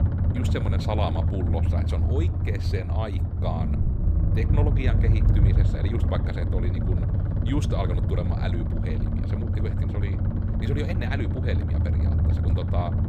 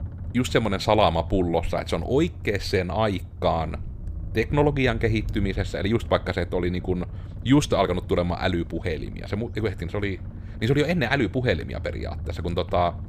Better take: second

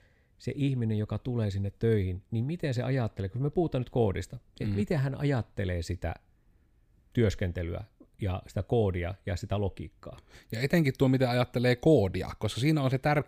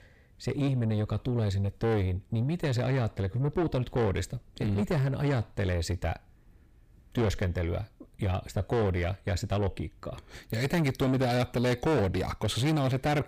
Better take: first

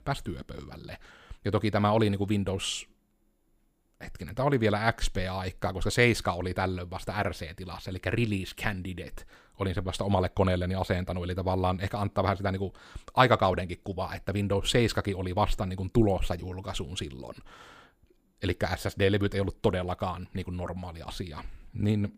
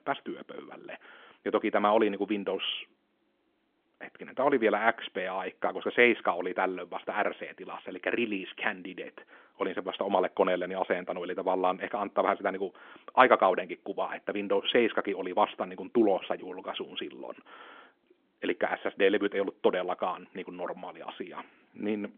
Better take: first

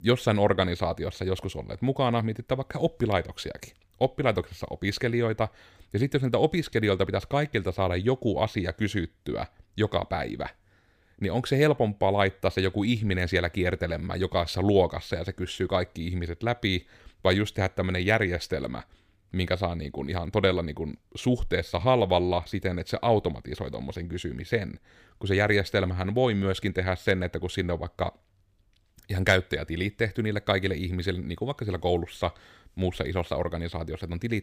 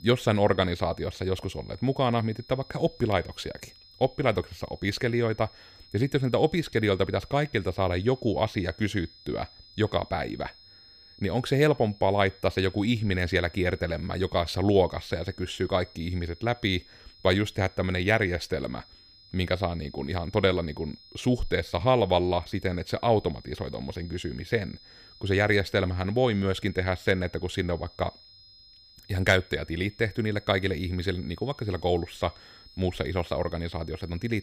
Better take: first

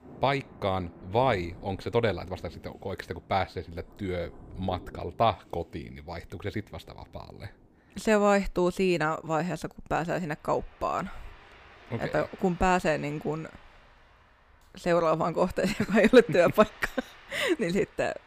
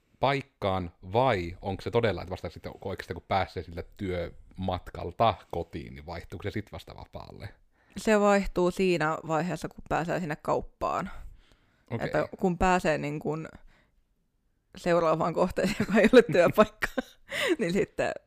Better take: second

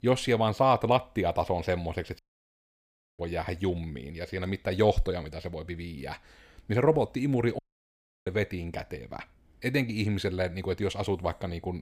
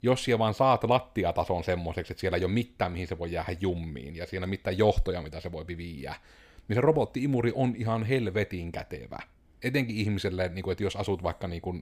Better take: second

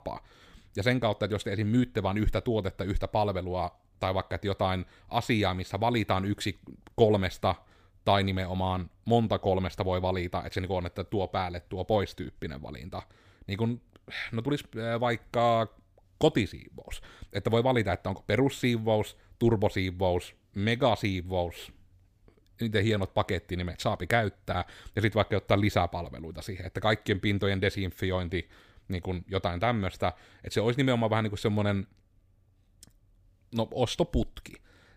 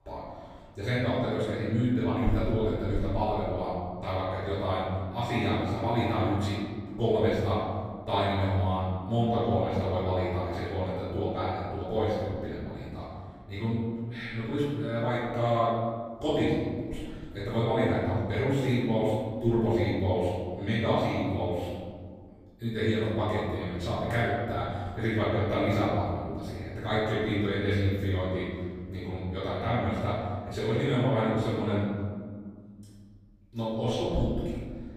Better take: first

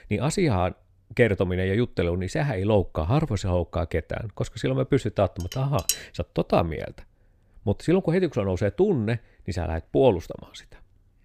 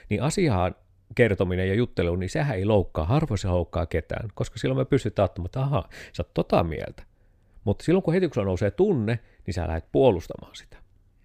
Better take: second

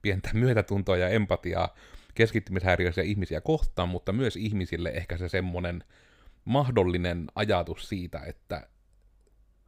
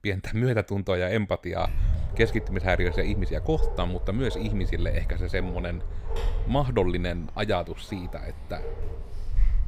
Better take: first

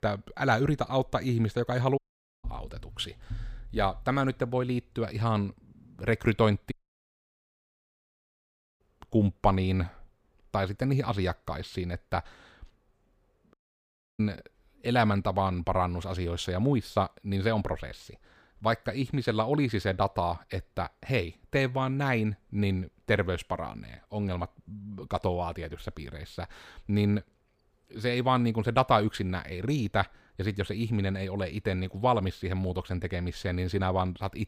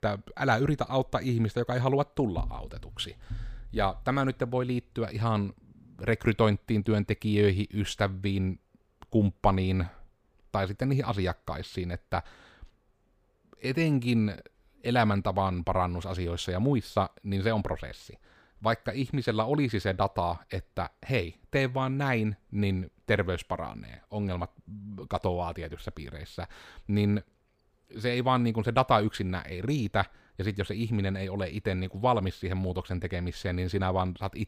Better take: second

